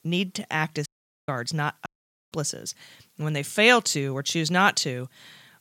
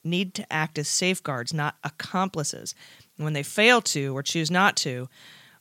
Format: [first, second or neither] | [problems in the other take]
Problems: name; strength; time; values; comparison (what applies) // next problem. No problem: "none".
second | audio cutting out; at 1 s and at 2 s